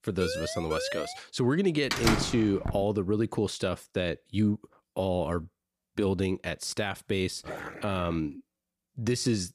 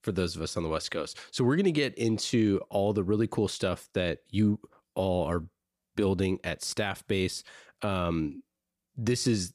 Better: second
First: siren; noticeable; at the start; peak 4 dB below the speech // door banging; loud; at 2 s; peak 3 dB above the speech // dog barking; noticeable; at 7.5 s; peak 9 dB below the speech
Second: none

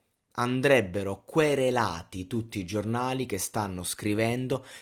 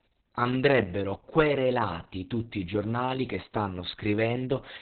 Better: first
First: garbled, watery; slightly; nothing above 18 kHz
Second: garbled, watery; badly; nothing above 4 kHz

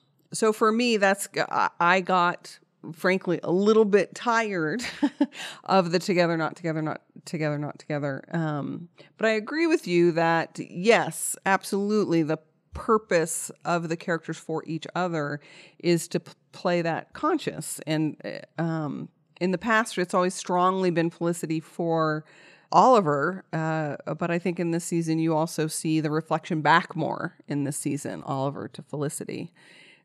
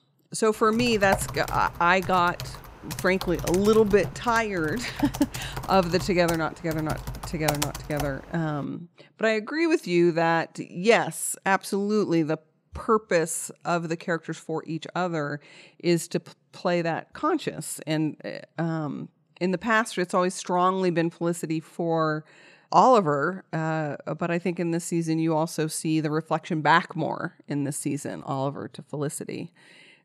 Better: first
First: none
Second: keyboard typing; noticeable; from 1 to 8 s; peak 3 dB below the speech

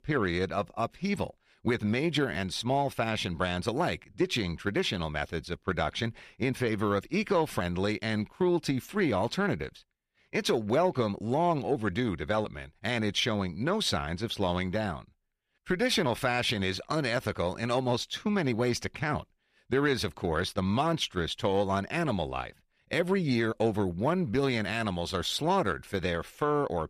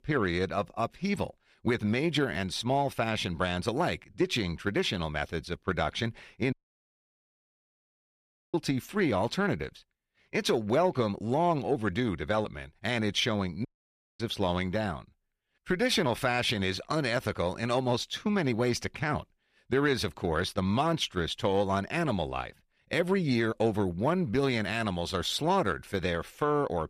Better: first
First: none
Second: audio cutting out; at 6.5 s for 2 s and at 14 s for 0.5 s

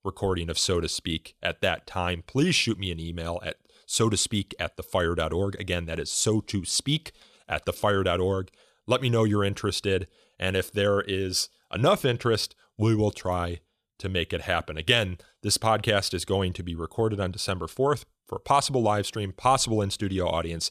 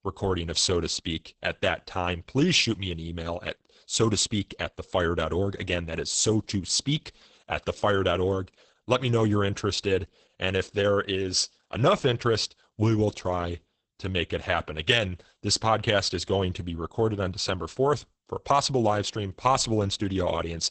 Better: first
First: none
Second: garbled, watery; badly; nothing above 8 kHz

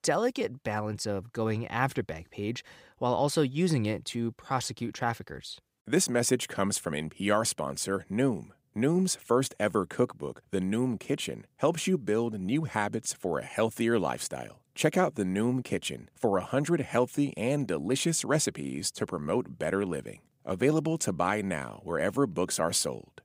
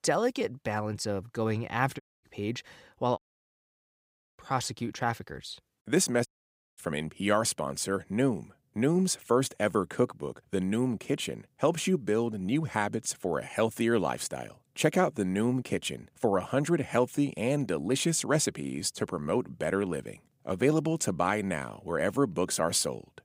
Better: first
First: none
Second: audio cutting out; at 2 s, at 3 s for 1 s and at 6.5 s for 0.5 s

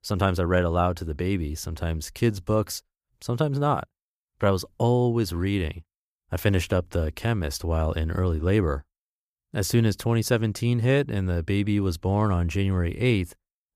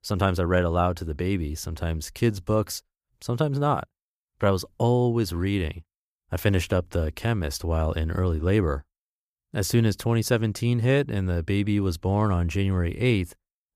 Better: neither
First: none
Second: none

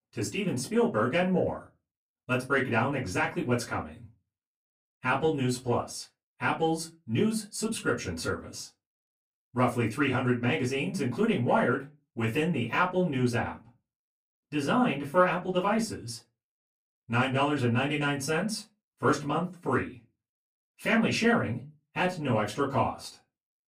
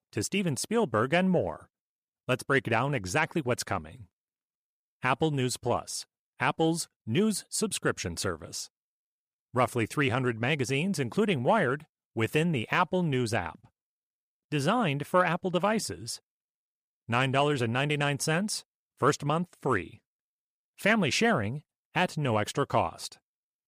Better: second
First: off-mic speech; far // room echo; very slight; dies away in 0.2 s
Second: none

